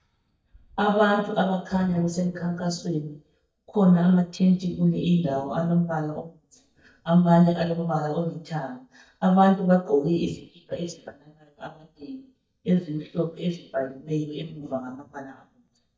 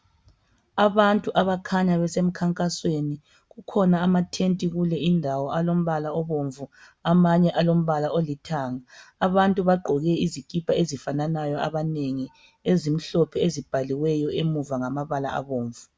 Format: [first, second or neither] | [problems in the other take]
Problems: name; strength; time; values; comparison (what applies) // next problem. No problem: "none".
second | noise reduction (neural mask model DeepFilterNet 3)